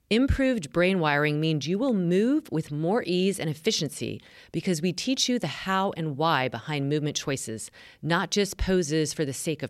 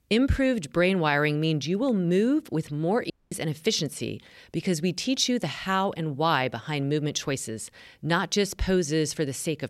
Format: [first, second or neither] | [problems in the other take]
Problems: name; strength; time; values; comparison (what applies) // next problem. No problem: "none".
first | audio cutting out; at 3 s